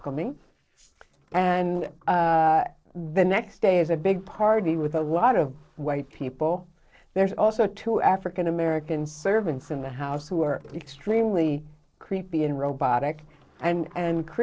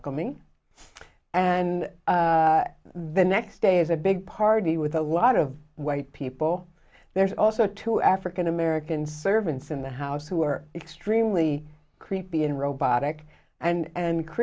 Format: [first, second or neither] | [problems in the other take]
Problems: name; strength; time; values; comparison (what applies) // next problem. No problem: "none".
second | noise reduction (neural separator model SepFormer DNS4)